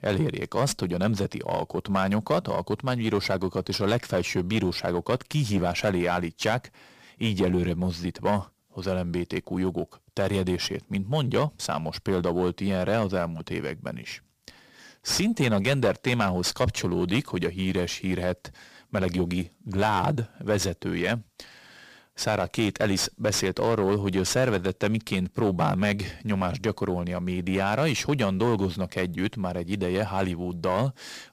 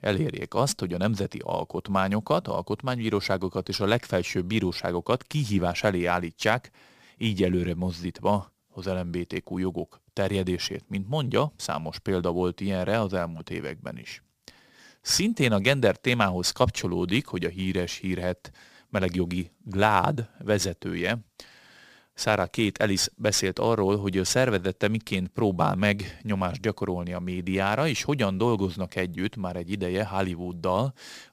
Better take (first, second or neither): second